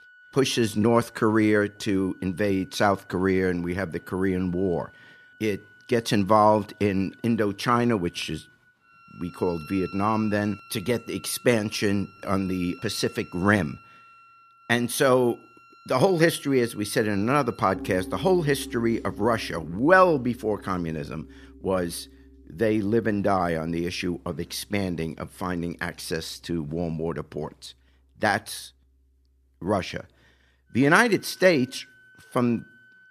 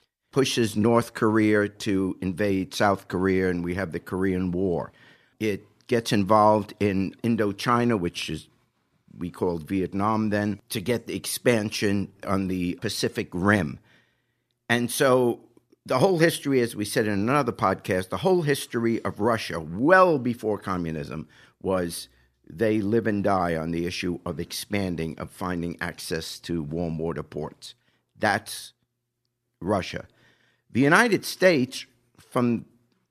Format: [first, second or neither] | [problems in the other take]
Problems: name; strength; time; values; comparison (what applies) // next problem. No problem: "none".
second | background music; faint; throughout; 20 dB below the speech